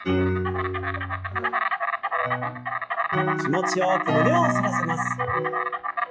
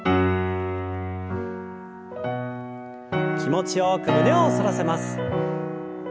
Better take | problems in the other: second | noise reduction (classical method log-MMSE)

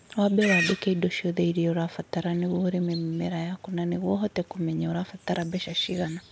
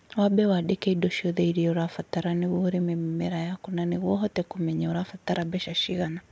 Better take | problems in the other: second | background sound (Livestock, farm animals, working animals); 11 dB below the speech

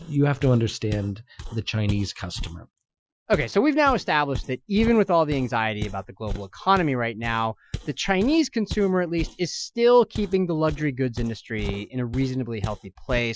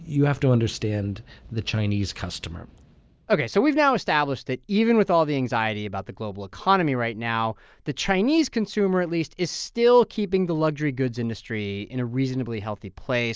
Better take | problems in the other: second | noise reduction (classical method Wiener filter)

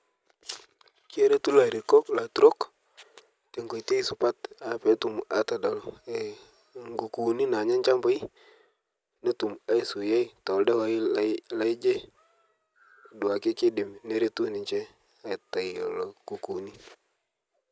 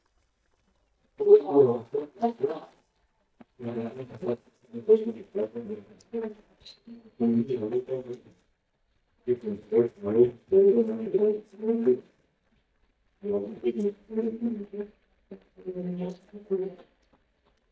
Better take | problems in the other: first | noise reduction (neural mask model DeepFilterNet 3)

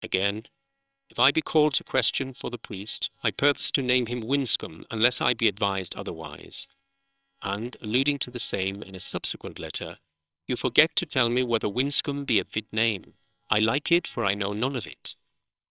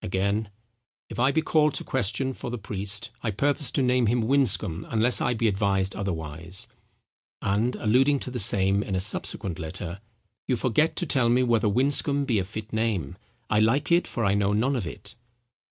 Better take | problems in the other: second | noise reduction (neural separator model SepFormer WHAMR!)

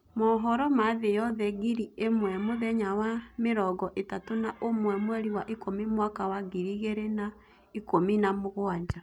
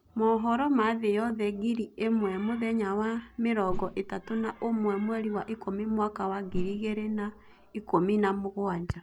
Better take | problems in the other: first | background sound (Whoosh, swoosh, swish); 10 dB below the speech

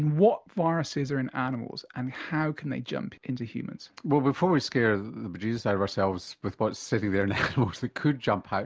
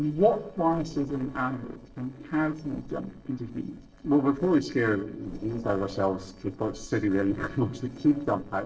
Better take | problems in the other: first | noise reduction (neural separator model SepFormer DNS4)

